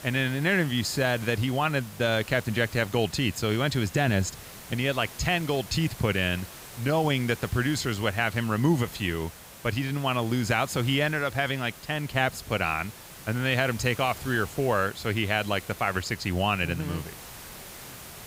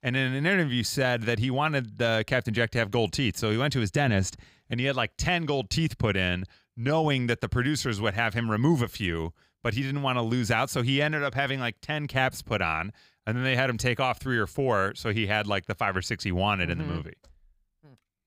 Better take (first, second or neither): second